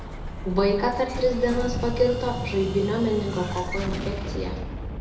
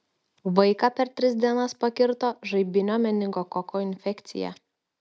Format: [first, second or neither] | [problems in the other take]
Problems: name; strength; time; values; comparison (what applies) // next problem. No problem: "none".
second | background sound (Explosion); 5 dB below the speech // room echo; dies away in 0.8 s